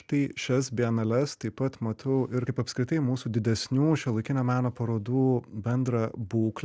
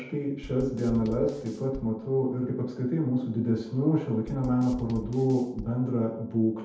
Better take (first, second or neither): first